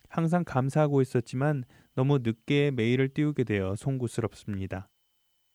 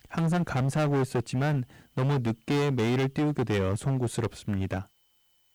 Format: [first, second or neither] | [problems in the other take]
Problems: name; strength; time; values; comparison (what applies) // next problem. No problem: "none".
first | distortion; heavy; 20% of the sound clipped